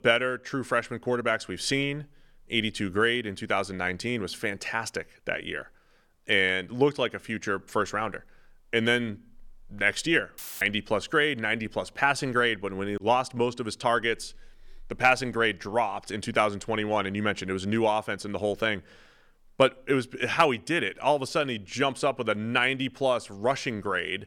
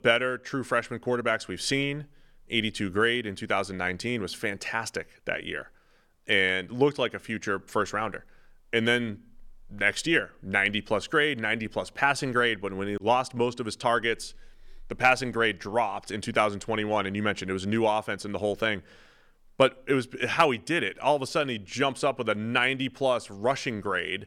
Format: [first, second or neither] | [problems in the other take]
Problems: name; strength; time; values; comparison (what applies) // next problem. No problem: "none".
second | audio cutting out; filled with static; at 10 s